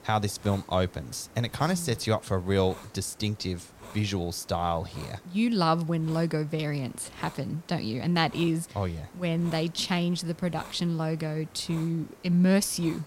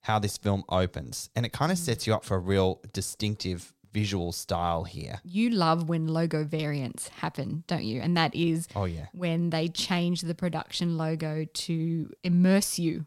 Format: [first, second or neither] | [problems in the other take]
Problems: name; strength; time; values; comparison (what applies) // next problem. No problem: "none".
second | hiss; faint; throughout; 20 dB below the speech